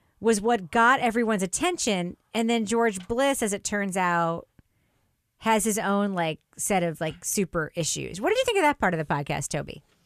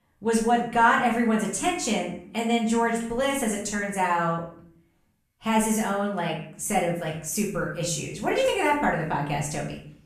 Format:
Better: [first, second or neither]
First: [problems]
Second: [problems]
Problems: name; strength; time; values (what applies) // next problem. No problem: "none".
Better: first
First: none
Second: room echo; noticeable; dies away in 0.5 s // off-mic speech; far